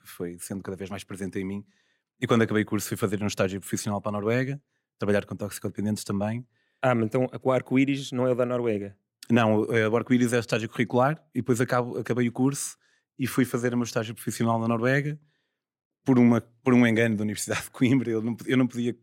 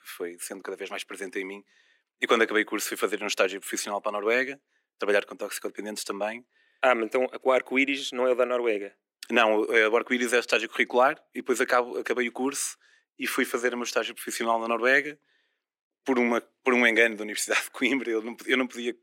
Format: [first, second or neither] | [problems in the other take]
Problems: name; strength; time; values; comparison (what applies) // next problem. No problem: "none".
first | thin; somewhat; fading below 300 Hz